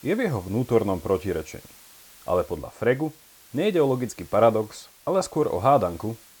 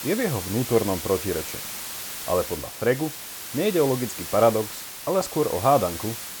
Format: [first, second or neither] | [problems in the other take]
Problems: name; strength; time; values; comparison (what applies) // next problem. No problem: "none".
first | hiss; loud; throughout; 7 dB below the speech; faint in the first